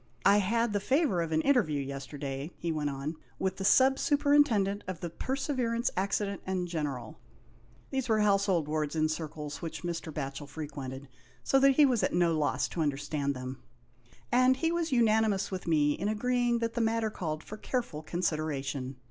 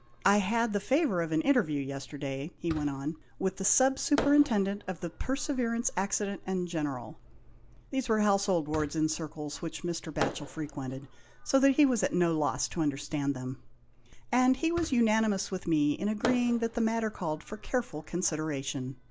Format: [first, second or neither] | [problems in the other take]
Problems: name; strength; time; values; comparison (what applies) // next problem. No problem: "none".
first | background sound (Fireworks); 16 dB below the speech